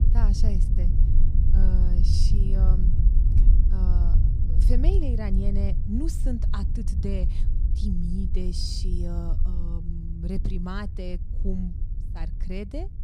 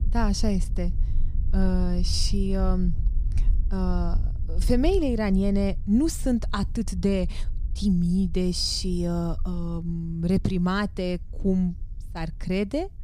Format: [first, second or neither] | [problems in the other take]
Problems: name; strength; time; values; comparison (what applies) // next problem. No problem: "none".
second | low rumble; loud; throughout; 5 dB below the speech; faint in the second